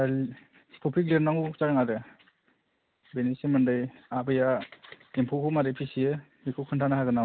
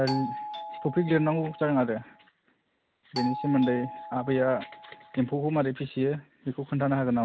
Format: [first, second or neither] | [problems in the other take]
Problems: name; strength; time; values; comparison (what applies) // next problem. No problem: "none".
first | background sound (Doorbell); 11 dB below the speech